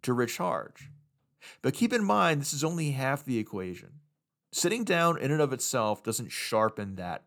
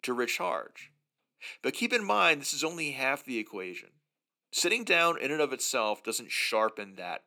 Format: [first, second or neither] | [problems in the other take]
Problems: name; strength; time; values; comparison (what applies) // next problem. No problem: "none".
first | thin; somewhat; fading below 300 Hz